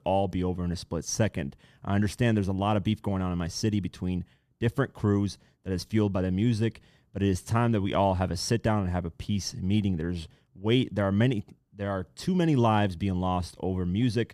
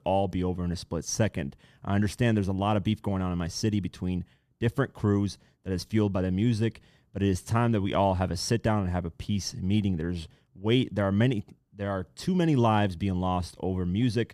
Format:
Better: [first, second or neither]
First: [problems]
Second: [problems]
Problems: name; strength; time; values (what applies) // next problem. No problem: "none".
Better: neither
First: none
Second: none